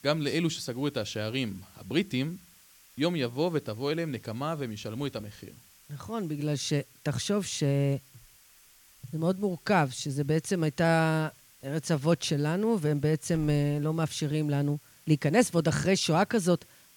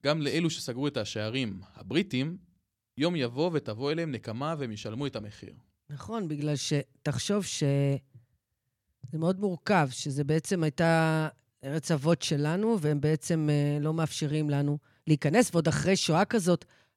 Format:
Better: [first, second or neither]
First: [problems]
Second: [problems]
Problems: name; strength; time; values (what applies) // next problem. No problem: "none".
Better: second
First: hiss; faint; throughout; 25 dB below the speech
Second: none